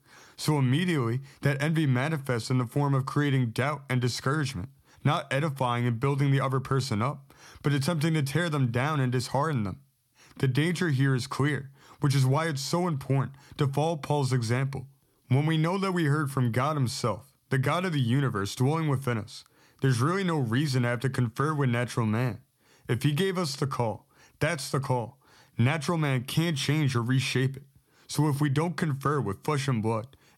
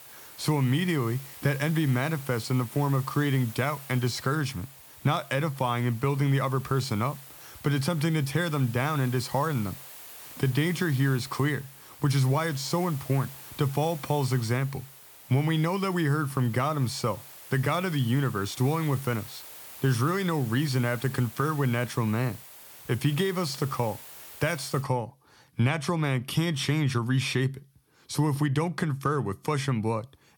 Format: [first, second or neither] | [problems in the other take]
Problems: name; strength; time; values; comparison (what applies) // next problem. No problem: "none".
first | hiss; noticeable; until 25 s; 15 dB below the speech